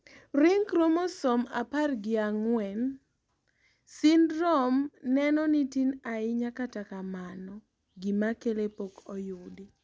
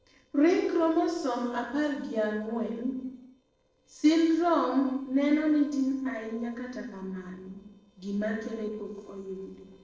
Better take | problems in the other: first | noise reduction (neural separator model SepFormer DNS4)

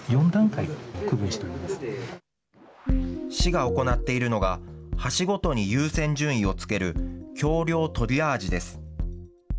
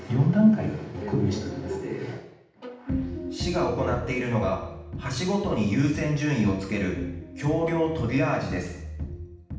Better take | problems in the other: first | background sound (Bowed string instrument); 20 dB below the speech // room echo; dies away in 0.8 s

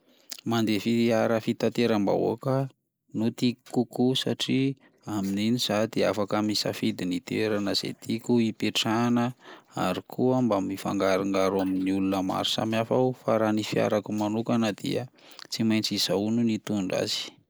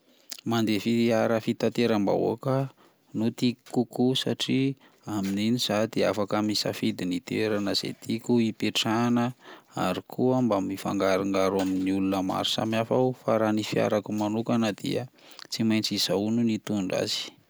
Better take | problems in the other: second | noise reduction (neural mask model Resemble Enhance denoiser)

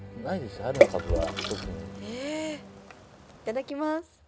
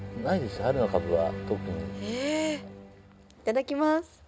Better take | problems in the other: second | background sound (Water / Splash, splatter); 4 dB above the speech

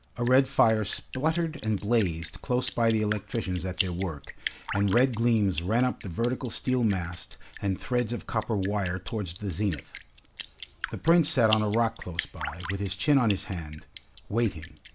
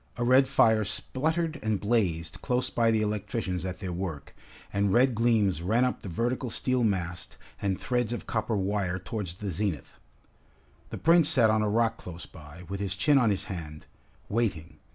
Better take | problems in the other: second | background sound (Drip); 14 dB below the speech

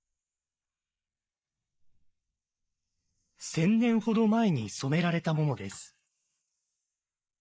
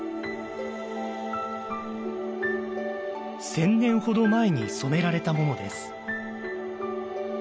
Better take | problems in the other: second | noise reduction (neural mask model Resemble Enhance denoiser)

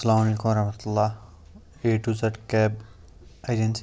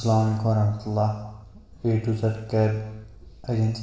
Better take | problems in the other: first | room echo; dies away in 0.9 s

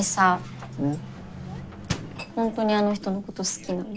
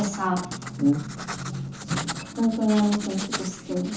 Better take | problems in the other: first | background sound (Writing); 10 dB below the speech // room echo; dies away in 0.9 s

